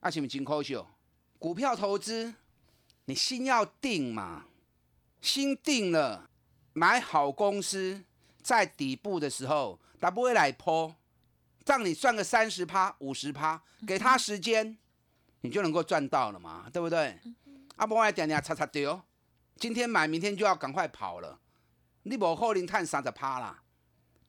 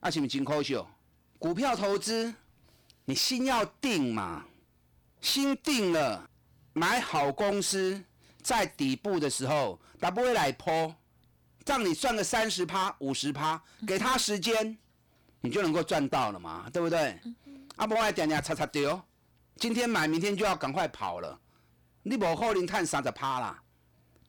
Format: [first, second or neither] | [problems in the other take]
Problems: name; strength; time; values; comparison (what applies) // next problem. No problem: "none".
first | distortion; heavy; 13% of the sound clipped